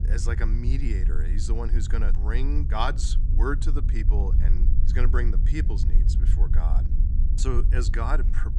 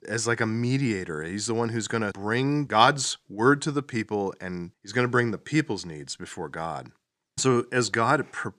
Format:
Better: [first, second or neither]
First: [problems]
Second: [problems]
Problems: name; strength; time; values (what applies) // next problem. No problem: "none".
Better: second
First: low rumble; loud; throughout; 10 dB below the speech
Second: none